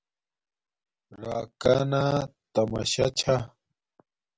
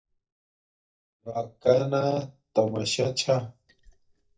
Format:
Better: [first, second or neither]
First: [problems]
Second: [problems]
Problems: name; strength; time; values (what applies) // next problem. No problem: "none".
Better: first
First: none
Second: noise reduction (neural mask model DeepFilterNet 3)